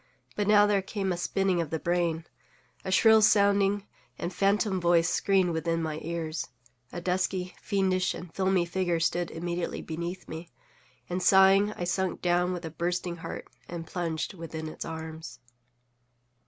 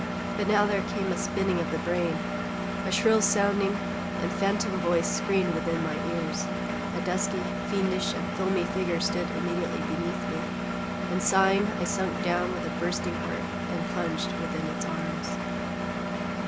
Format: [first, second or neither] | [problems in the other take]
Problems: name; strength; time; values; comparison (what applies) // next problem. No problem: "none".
first | background sound (Engine); 1 dB below the speech